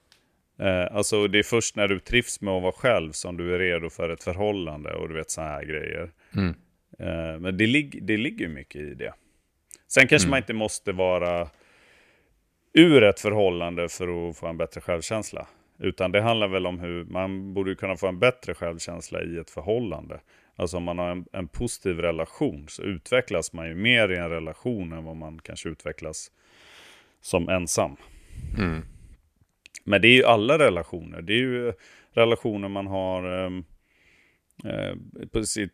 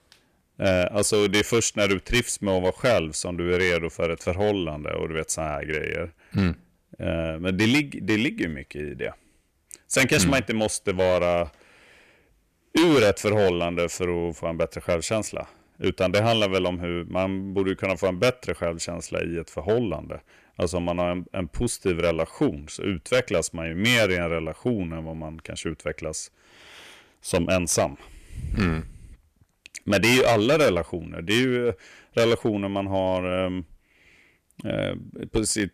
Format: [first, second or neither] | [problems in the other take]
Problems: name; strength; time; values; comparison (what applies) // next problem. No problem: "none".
first | distortion; heavy; 5% of the sound clipped